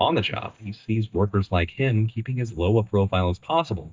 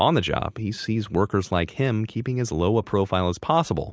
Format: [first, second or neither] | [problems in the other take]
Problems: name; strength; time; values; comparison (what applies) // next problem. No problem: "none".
second | noise reduction (neural mask model DeepFilterNet 3)